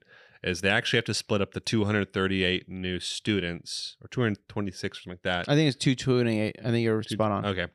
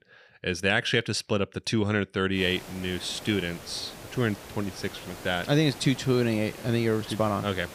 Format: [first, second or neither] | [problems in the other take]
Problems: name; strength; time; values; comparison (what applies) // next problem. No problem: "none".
first | hiss; noticeable; from 2.5 s on; 15 dB below the speech